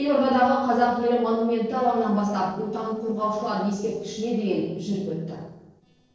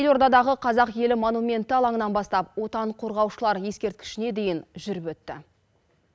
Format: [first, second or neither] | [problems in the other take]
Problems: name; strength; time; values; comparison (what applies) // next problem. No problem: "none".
second | noise reduction (neural separator model SepFormer DNS4)